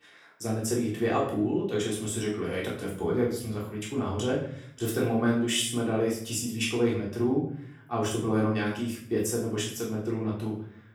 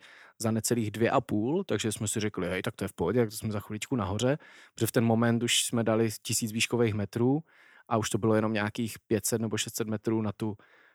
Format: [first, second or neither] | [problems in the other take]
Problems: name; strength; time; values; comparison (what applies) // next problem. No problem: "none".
second | room echo; noticeable; dies away in 0.5 s // off-mic speech; far